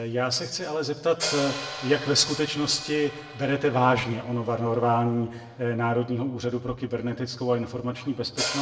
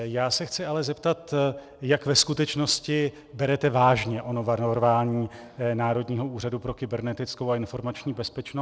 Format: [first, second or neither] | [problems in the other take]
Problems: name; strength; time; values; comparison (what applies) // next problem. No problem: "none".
second | background sound (Hi-hat); 12 dB below the speech // room echo; dies away in 0.7 s